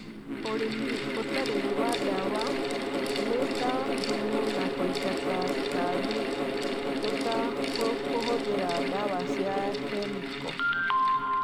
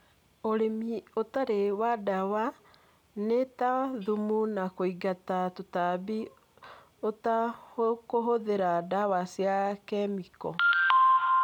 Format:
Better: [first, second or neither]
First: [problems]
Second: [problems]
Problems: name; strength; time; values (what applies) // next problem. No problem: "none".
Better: second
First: background sound (Mechanical fan); 2 dB above the speech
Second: none